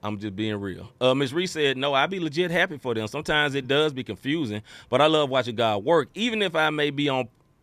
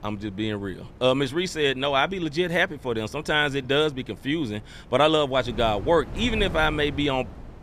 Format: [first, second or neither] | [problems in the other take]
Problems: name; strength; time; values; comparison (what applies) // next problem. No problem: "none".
first | wind noise on the microphone; occasional gusts; 25 dB below the speech